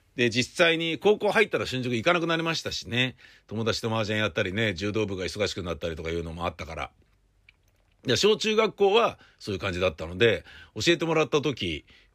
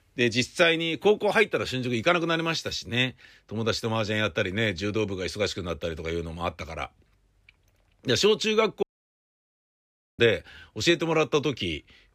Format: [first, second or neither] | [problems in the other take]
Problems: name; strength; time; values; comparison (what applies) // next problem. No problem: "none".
first | audio cutting out; at 9 s for 1.5 s